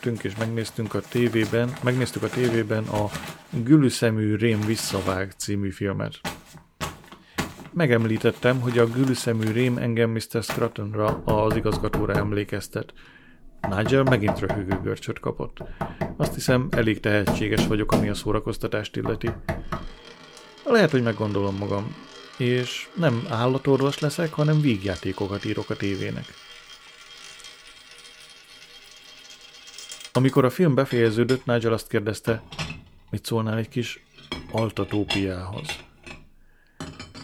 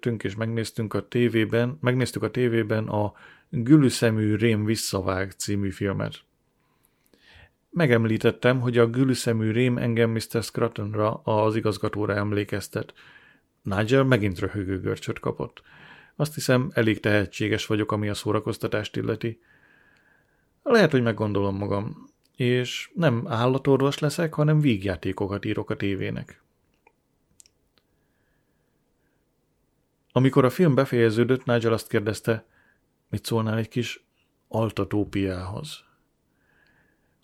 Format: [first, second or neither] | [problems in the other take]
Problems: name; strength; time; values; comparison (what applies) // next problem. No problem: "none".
second | household noises; noticeable; throughout; 10 dB below the speech